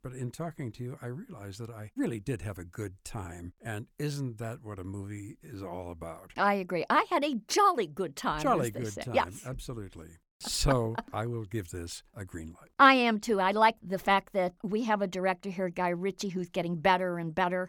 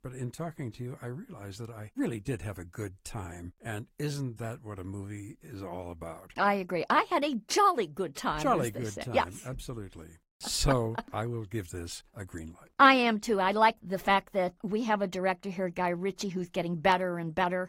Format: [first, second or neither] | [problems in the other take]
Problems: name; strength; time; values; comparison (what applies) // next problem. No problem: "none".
first | garbled, watery; slightly; nothing above 15.5 kHz